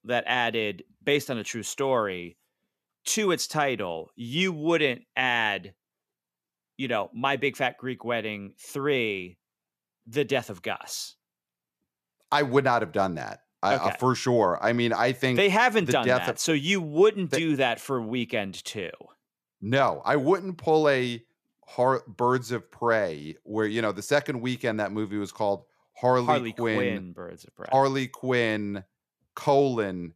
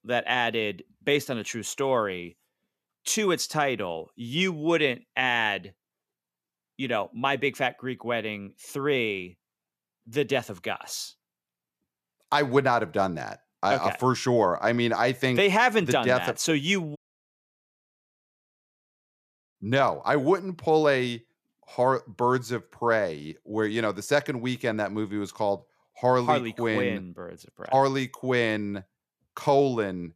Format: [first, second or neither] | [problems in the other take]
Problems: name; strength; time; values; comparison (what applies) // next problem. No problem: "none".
first | audio cutting out; at 17 s for 2.5 s